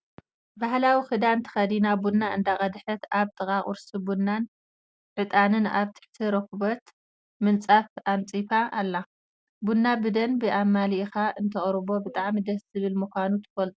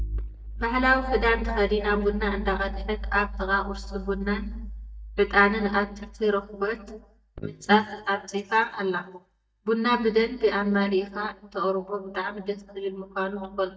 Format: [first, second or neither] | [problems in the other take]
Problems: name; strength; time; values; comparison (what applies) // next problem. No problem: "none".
first | noise reduction (neural mask model DeepFilterNet 3)